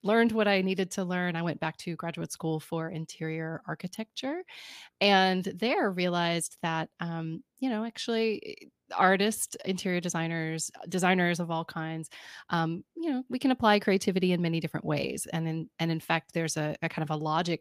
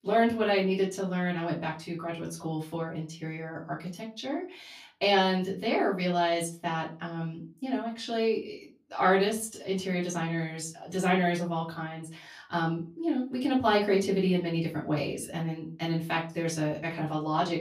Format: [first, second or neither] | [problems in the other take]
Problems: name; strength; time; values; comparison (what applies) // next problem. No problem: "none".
first | off-mic speech; far // room echo; very slight; dies away in 0.3 s